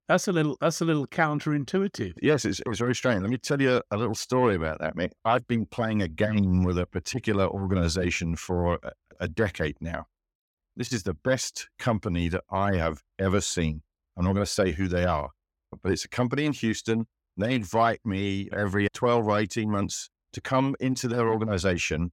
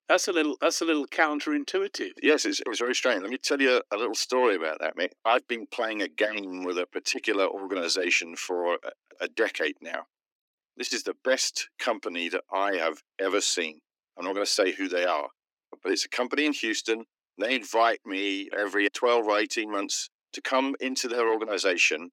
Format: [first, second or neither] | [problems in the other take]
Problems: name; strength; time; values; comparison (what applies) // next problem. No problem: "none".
first | thin; somewhat; fading below 300 Hz